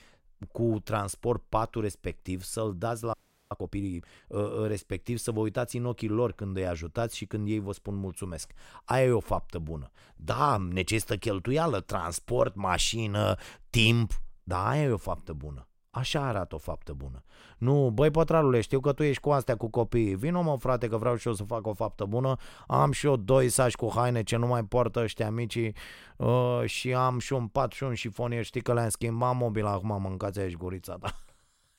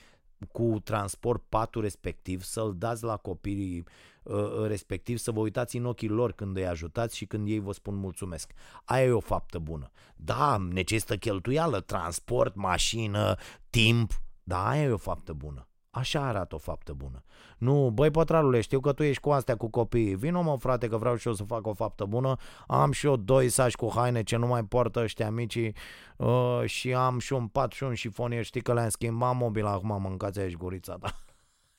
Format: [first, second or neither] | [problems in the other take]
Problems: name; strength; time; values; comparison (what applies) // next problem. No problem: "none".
second | audio freezing; at 3 s